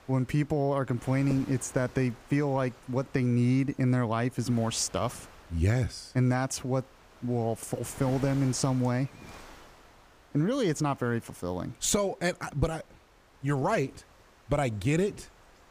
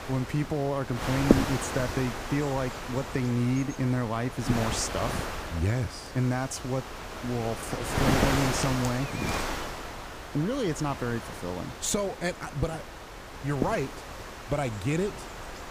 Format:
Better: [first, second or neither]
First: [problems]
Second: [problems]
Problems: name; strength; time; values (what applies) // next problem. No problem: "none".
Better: first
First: wind noise on the microphone; occasional gusts; 20 dB below the speech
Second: wind noise on the microphone; heavy; 1 dB below the speech